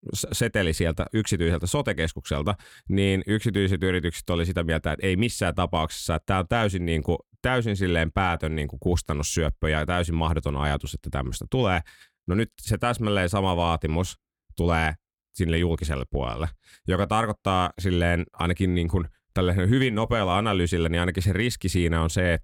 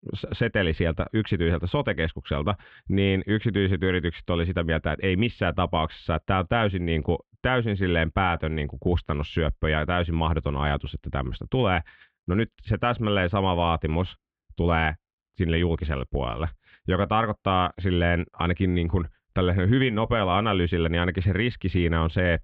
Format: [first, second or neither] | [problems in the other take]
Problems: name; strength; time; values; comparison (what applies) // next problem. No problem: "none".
first | muffled; very; fading above 3 kHz